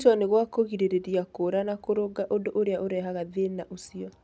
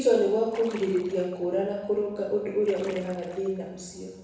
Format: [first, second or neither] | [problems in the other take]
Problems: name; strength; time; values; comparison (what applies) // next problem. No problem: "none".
first | background sound (Splash, splatter); 19 dB below the speech // room echo; dies away in 1 s